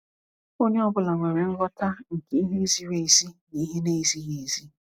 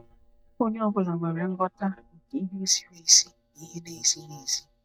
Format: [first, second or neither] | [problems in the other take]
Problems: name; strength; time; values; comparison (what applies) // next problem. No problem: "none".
first | noise reduction (neural mask model DeepFilterNet 3)